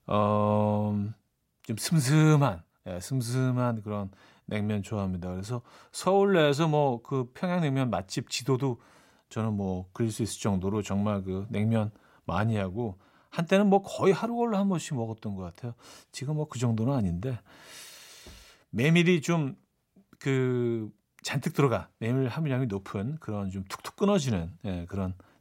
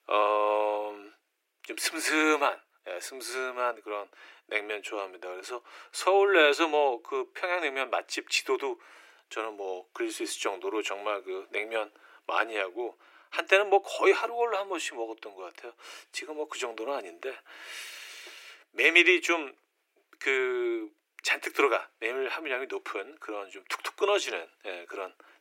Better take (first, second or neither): first